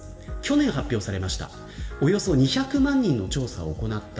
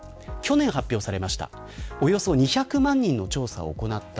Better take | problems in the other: second | room echo; dies away in 1.4 s

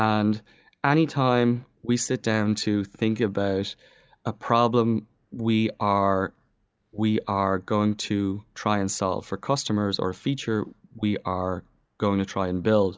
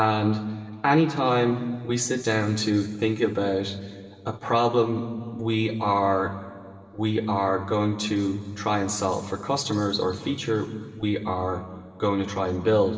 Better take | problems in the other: first | room echo; dies away in 2.9 s

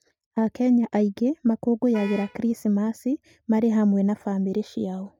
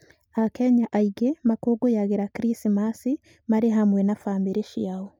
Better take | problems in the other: second | noise reduction (neural mask model RNNoise)

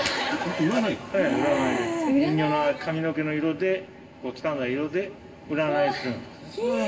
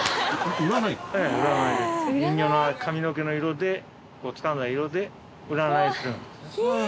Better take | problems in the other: second | room echo; dies away in 1.7 s

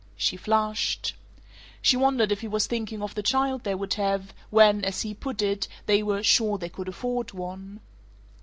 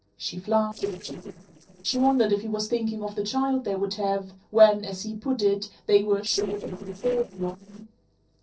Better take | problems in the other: first | noise reduction (neural separator model SepFormer DNS4)

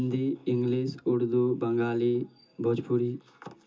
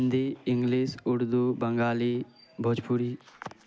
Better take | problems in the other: second | room echo; dies away in 0.2 s

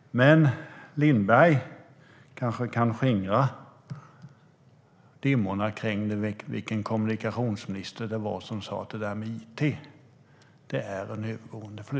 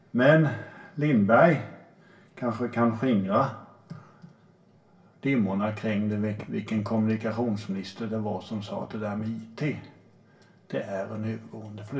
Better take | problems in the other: first | background sound (Wind); 19 dB below the speech // room echo; dies away in 0.2 s

